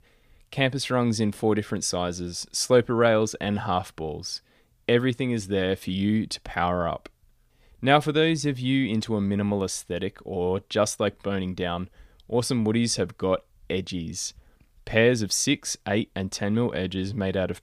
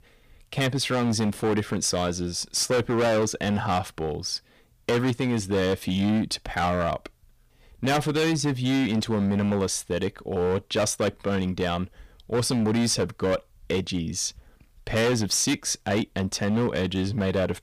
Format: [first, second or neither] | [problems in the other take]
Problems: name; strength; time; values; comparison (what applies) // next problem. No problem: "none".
first | distortion; heavy; 13% of the sound clipped